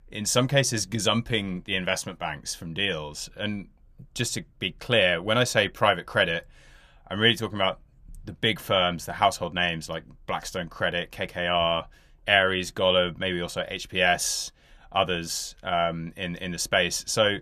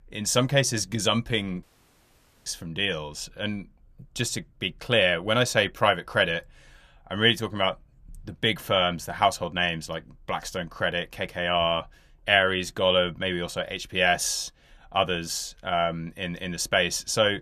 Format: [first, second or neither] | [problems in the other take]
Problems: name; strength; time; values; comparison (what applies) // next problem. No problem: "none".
first | audio cutting out; at 1.5 s for 1 s